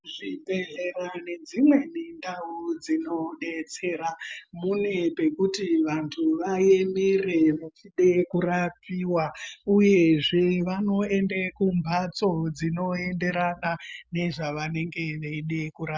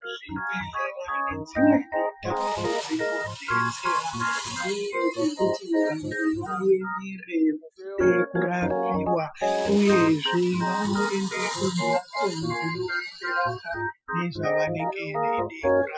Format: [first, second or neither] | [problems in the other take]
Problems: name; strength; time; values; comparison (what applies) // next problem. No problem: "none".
first | noise reduction (classical method Wiener filter)